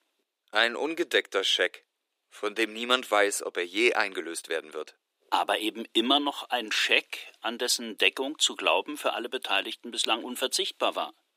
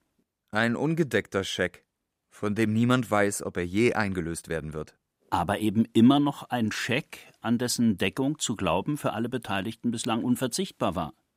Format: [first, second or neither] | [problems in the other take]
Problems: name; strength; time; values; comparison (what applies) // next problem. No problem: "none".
second | thin; very; fading below 350 Hz